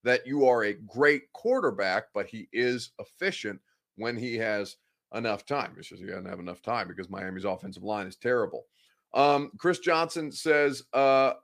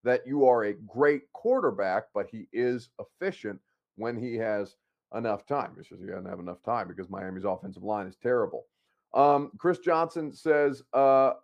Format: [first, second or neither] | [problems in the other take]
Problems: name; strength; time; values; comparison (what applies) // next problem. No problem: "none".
first | muffled; slightly; fading above 1.5 kHz